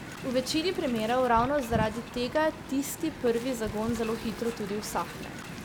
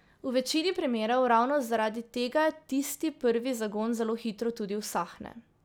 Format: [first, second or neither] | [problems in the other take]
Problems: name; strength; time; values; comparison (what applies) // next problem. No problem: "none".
second | background sound (Wind); 9 dB below the speech